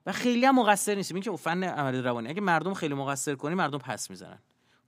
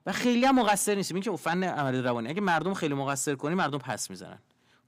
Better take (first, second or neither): first